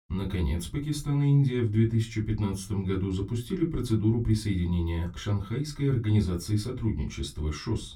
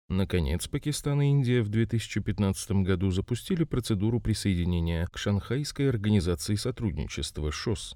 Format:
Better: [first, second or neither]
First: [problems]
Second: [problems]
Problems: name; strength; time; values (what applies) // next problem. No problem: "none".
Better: second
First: off-mic speech; somewhat distant // room echo; very slight; dies away in 0.2 s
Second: none